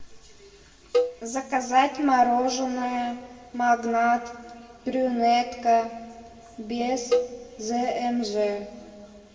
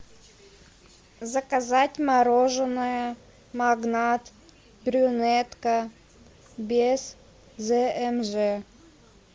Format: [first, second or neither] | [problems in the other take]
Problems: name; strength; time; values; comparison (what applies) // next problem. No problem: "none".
second | background sound (Cowbell); 5 dB below the speech // room echo; dies away in 1.4 s